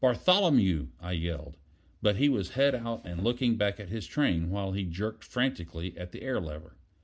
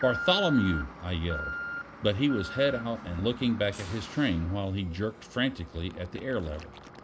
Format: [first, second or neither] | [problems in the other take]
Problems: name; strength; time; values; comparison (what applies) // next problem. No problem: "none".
first | background sound (Alarm); 10 dB below the speech